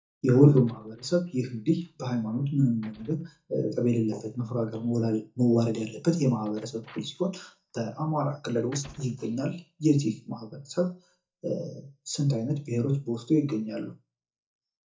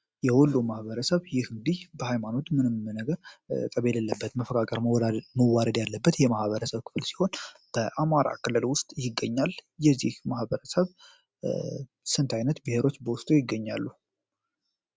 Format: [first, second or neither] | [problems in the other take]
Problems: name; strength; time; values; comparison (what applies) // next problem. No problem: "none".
second | noise reduction (neural mask model DeepFilterNet 3)